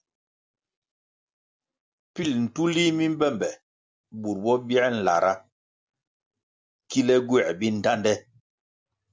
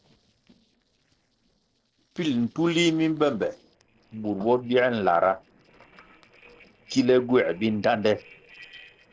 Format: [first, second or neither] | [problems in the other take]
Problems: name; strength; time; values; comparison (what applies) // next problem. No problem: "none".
first | noise reduction (neural separator model SepFormer DNS4)